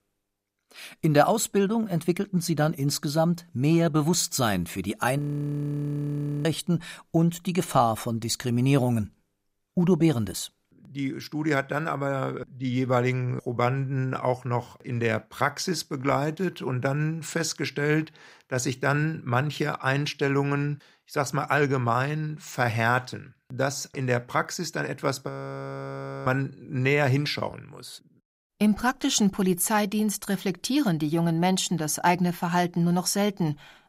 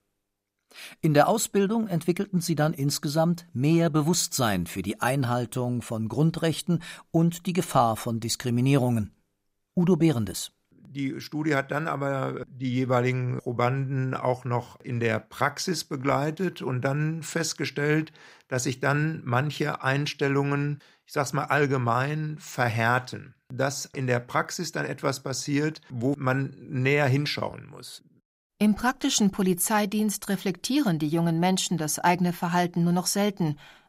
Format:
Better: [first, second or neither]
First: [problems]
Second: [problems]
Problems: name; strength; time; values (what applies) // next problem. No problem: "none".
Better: second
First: audio freezing; at 5 s for 1.5 s and at 25 s for 1 s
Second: none